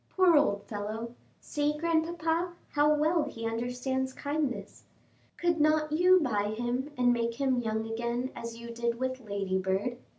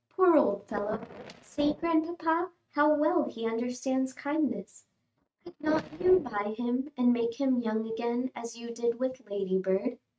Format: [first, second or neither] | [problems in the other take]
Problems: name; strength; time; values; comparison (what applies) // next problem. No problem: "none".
first | noise reduction (neural mask model RNNoise)